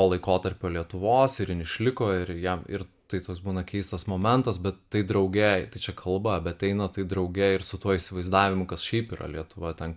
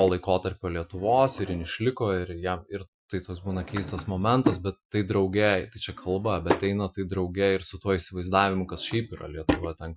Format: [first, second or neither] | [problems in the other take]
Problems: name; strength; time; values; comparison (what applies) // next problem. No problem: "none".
first | noise reduction (classical method Wiener filter)